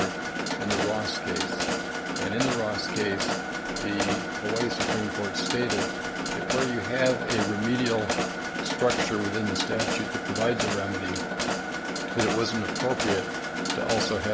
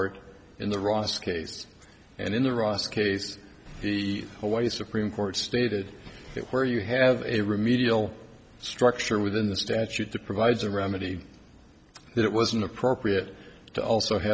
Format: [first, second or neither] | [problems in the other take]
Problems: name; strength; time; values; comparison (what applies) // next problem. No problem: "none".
second | background sound (Mechanisms); 1 dB above the speech